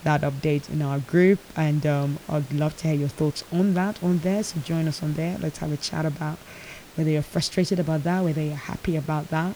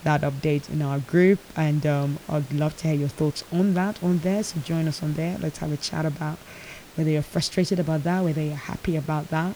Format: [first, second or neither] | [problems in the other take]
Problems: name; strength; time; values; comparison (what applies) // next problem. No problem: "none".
neither | hiss; noticeable; throughout; 20 dB below the speech; the same in both